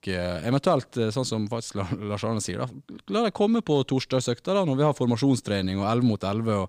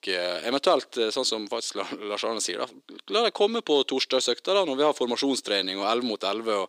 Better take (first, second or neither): first